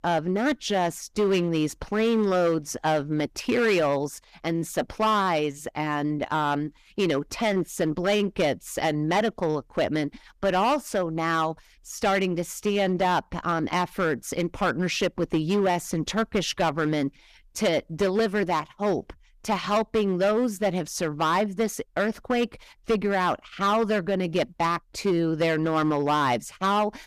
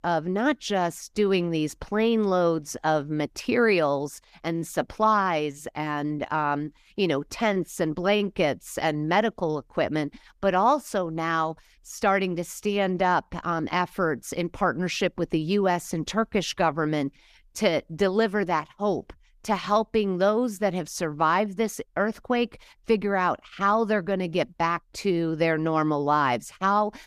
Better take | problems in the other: second | distortion; slight; 8% of the sound clipped

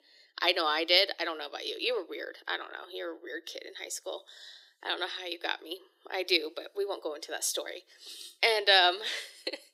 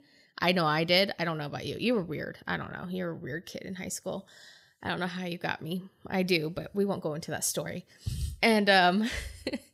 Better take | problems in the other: second | thin; very; fading below 350 Hz

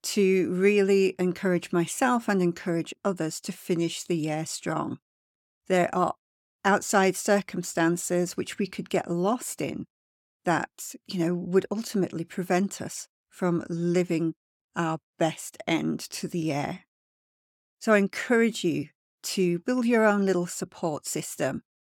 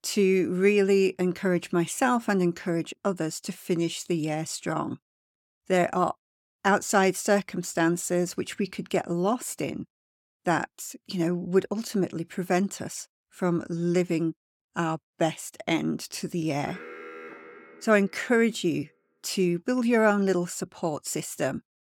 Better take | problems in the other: first | alarm; faint; from 17 to 18 s; peak 15 dB below the speech

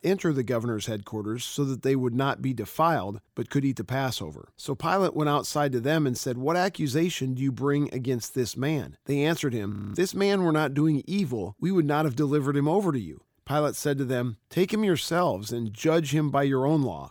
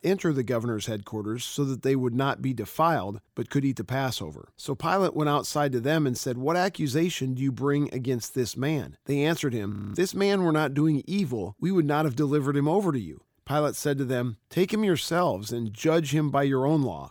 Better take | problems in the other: neither | audio freezing; at 9.5 s; the same in both

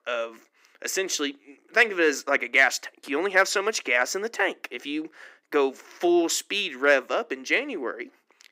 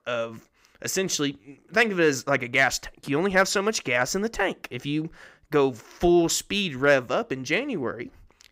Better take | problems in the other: second | thin; somewhat; fading below 300 Hz

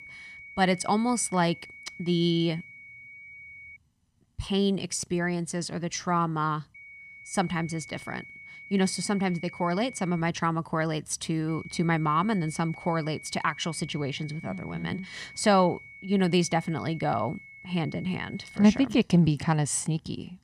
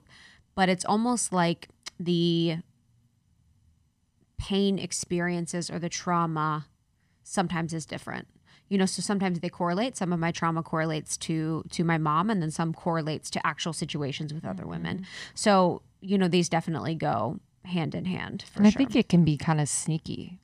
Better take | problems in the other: second | high-pitched whine; noticeable; until 4 s, from 7 to 10 s and from 11 to 19 s; 2 kHz, 15 dB below the speech

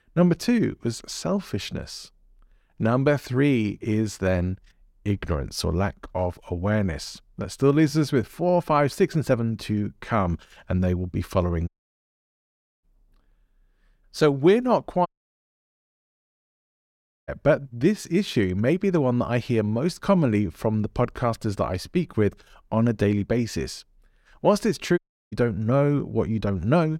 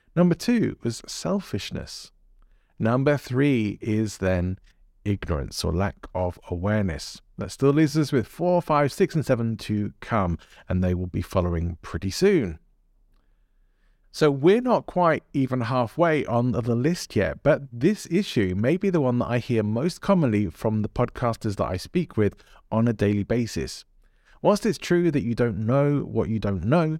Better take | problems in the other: second | audio cutting out; at 12 s for 1 s, at 15 s for 2 s and at 25 s

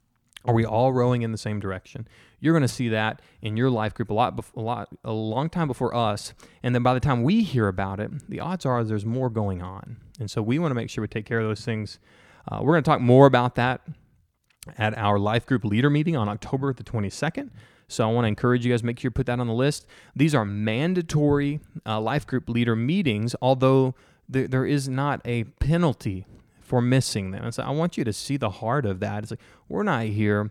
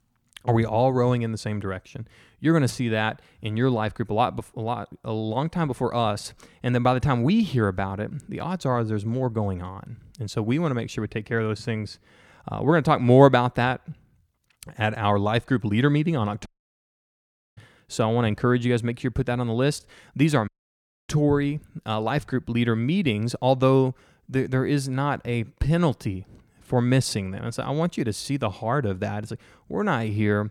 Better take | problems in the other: first | audio cutting out; at 16 s for 1 s and at 20 s for 0.5 s

